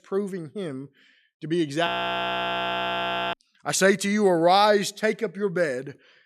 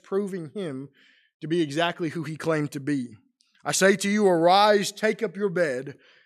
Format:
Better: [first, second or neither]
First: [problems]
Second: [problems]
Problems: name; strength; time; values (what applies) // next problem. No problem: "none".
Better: second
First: audio freezing; at 2 s for 1.5 s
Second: none